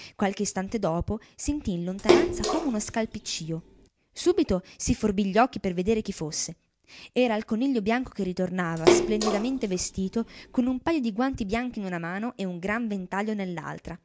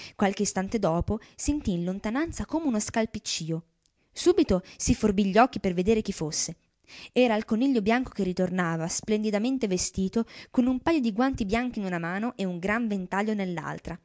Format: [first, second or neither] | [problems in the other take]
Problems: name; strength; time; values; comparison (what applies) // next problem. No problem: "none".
second | background sound (Splash, splatter); 1 dB above the speech